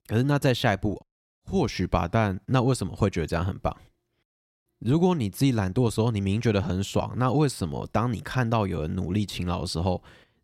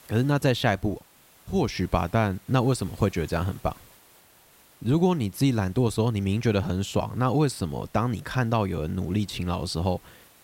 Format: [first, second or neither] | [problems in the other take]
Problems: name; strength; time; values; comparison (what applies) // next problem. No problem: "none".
first | hiss; faint; throughout; 25 dB below the speech